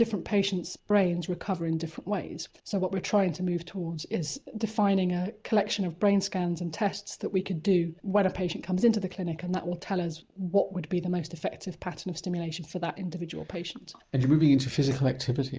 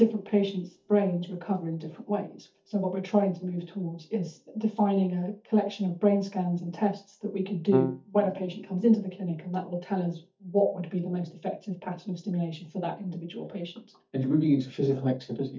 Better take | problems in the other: first | noise reduction (neural mask model DeepFilterNet 3)

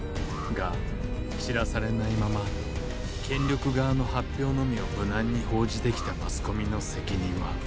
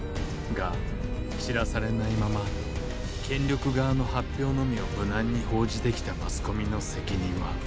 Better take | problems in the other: second | background sound (Alarm); 19 dB below the speech

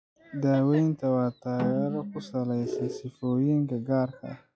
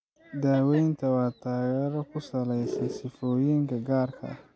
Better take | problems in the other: second | noise reduction (classical method log-MMSE)

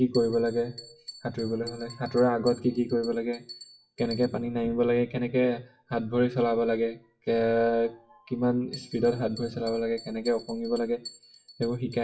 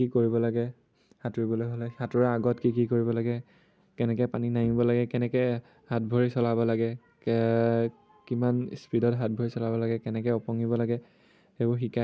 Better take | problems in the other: second | noise reduction (classical method WPE with log-MMSE)

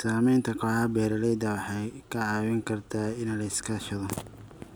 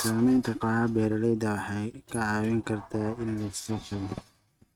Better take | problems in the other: first | noise reduction (neural mask model RNNoise)

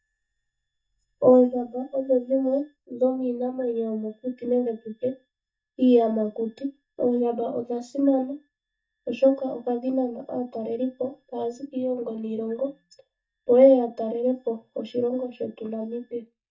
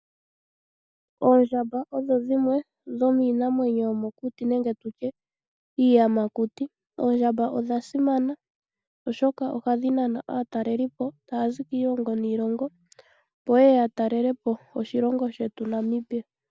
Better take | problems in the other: second | noise reduction (neural mask model DeepFilterNet 3)

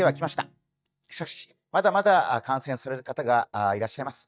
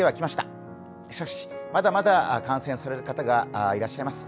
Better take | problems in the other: second | noise reduction (neural mask model DeepFilterNet 3)

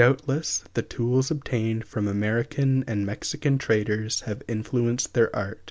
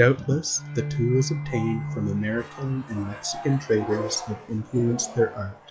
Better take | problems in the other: first | noise reduction (classical method log-MMSE)

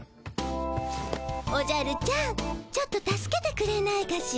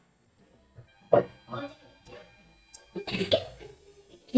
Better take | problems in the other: first | noise reduction (neural mask model DeepFilterNet 3)

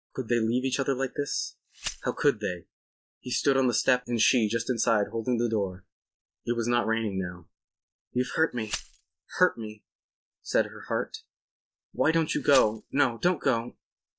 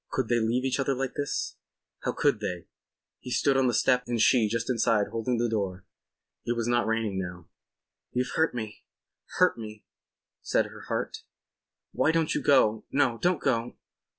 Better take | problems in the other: second | noise reduction (neural mask model DeepFilterNet 3)

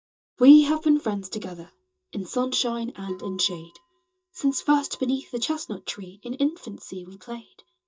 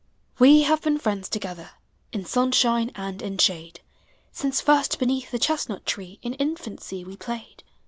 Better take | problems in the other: second | noise reduction (neural mask model DeepFilterNet 3)

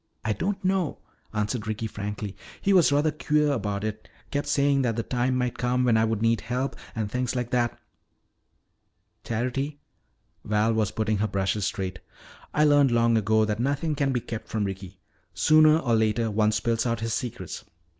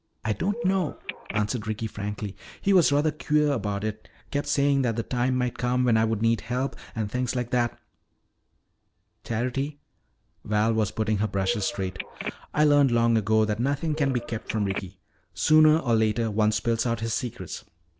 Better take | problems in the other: first | background sound (Telephone); 11 dB below the speech

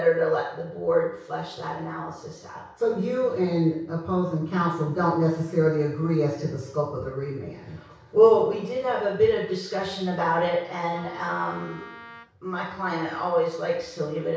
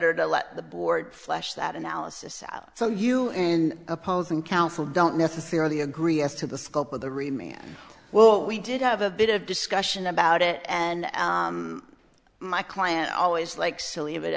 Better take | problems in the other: second | background sound (Wind instrument, woodwind instrument); 20 dB below the speech // room echo; dies away in 0.6 s

